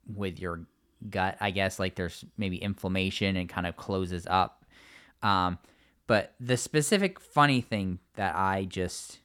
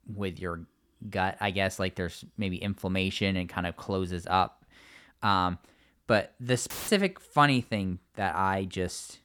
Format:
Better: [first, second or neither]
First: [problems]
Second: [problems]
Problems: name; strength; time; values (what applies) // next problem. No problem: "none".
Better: first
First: none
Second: audio cutting out; filled with static; at 6.5 s